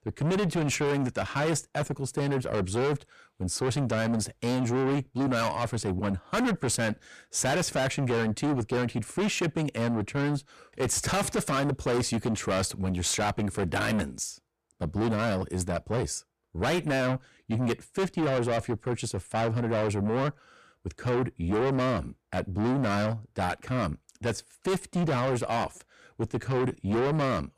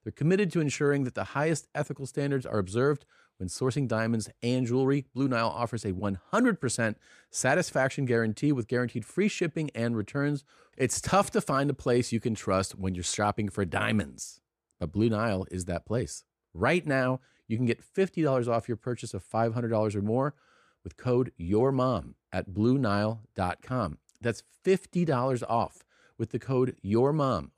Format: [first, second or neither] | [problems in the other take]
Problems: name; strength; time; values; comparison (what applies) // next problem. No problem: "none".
second | distortion; heavy; 6 dB below the speech